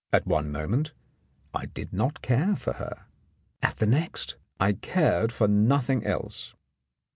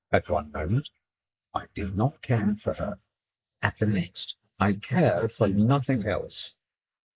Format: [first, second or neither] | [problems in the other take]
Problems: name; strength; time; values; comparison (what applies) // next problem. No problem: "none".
first | noise reduction (neural mask model Resemble Enhance denoiser)